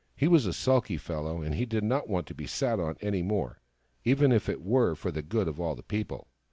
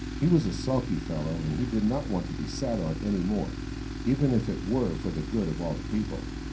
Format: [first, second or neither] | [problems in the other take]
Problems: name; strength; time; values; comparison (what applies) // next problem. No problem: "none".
first | background sound (Tools); 6 dB below the speech // room echo; dies away in 0.3 s